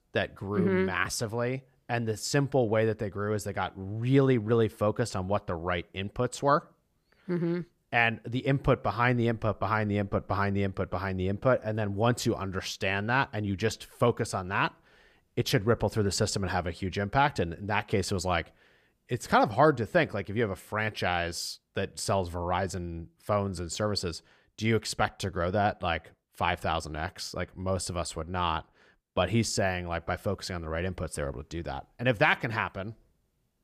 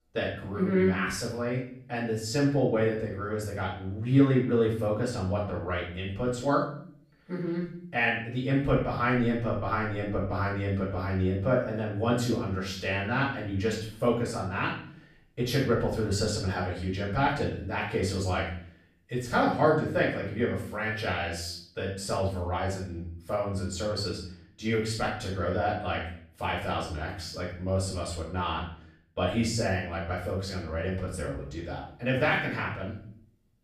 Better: first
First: none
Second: room echo; noticeable; dies away in 0.5 s // off-mic speech; far

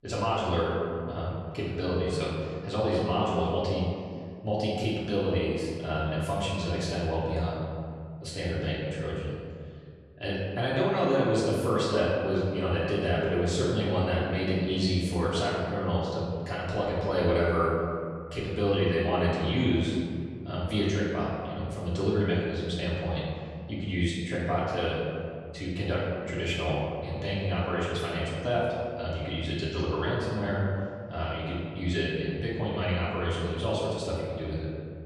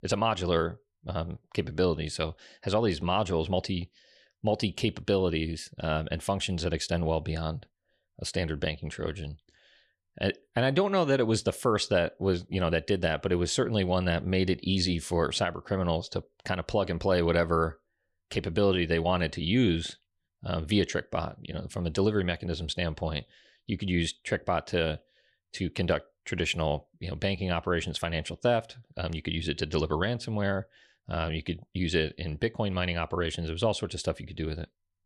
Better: second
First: room echo; strong; dies away in 2.1 s // off-mic speech; far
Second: none

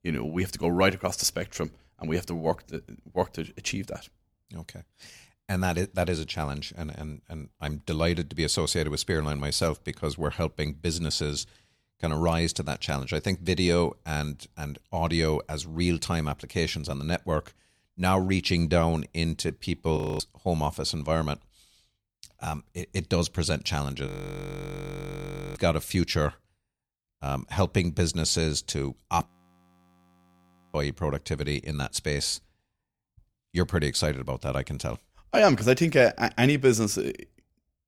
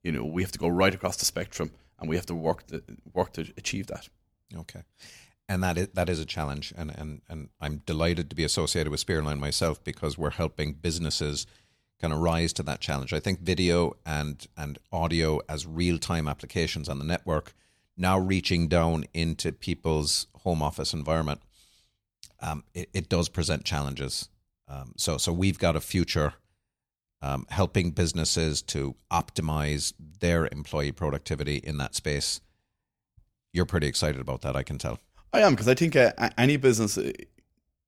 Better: second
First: audio freezing; at 20 s, at 24 s for 1.5 s and at 29 s for 1.5 s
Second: none

